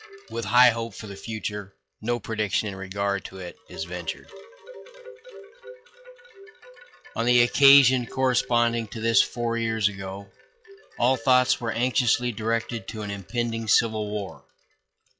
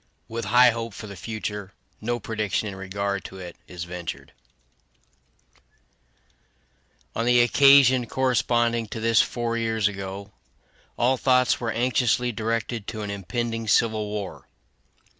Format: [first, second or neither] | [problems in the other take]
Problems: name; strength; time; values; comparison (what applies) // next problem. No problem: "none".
second | noise reduction (classical method log-MMSE)